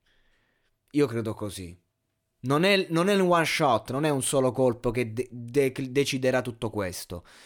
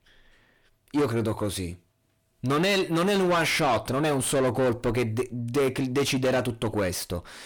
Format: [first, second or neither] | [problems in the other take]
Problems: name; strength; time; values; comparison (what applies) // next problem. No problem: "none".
first | distortion; heavy; 6 dB below the speech